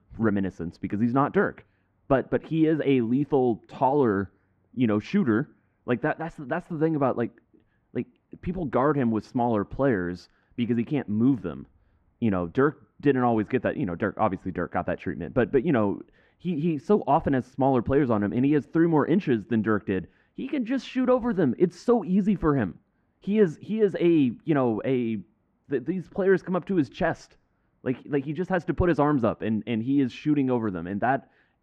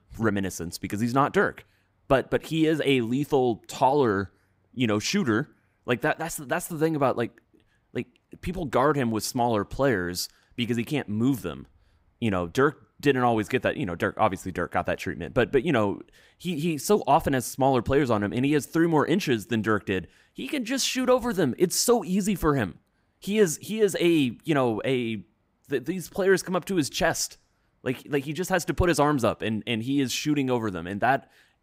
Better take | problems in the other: second | muffled; very; fading above 2 kHz

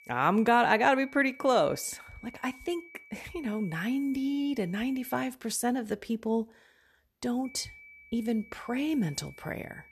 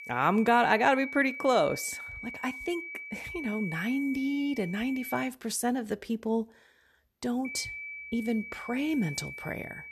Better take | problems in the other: first | high-pitched whine; loud; until 5.5 s and from 7.5 s on; 2.5 kHz, 10 dB below the speech; faint in the first

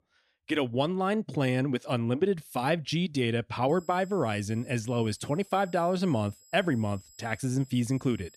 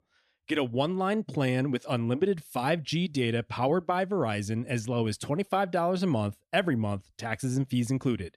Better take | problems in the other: second | high-pitched whine; faint; from 3.5 s on; 7.5 kHz, 25 dB below the speech

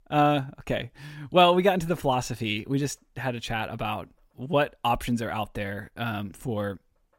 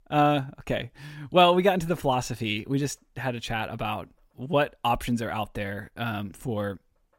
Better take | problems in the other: neither | none

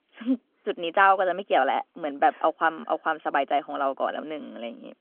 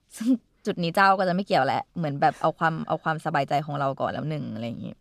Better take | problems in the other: second | phone-call audio

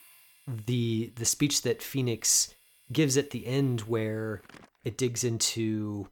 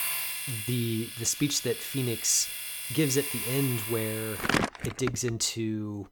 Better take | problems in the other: first | household noises; loud; throughout; 3 dB below the speech; faint in the first

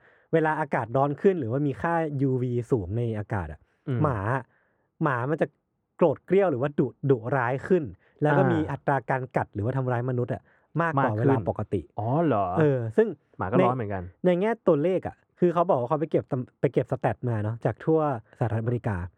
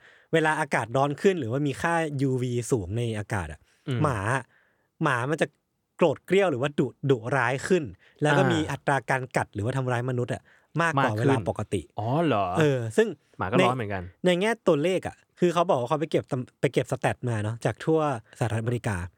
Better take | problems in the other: second | muffled; very; fading above 2.5 kHz

